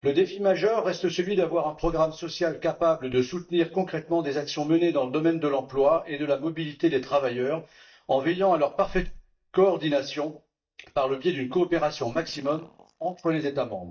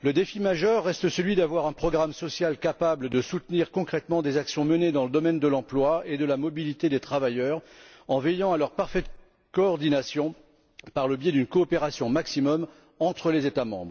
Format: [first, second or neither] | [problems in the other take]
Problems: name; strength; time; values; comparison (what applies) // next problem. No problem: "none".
second | noise reduction (neural mask model DeepFilterNet 3)